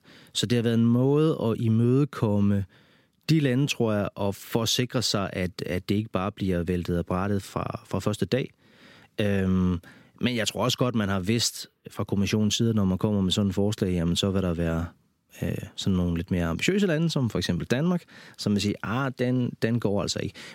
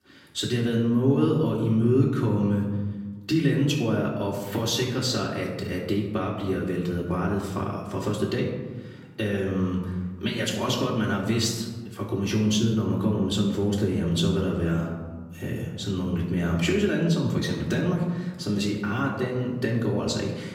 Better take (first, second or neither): first